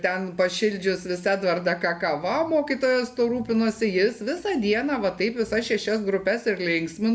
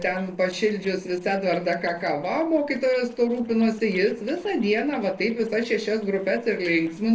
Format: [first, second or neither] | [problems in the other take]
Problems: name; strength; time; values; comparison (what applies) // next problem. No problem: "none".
first | noise reduction (neural separator model SepFormer DNS4)